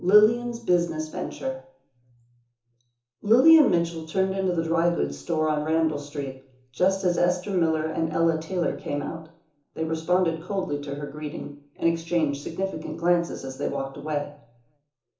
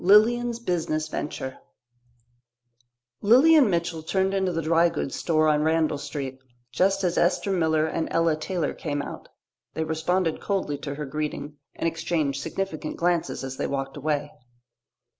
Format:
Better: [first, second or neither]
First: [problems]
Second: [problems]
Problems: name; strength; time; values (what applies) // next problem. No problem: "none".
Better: second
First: room echo; dies away in 0.7 s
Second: none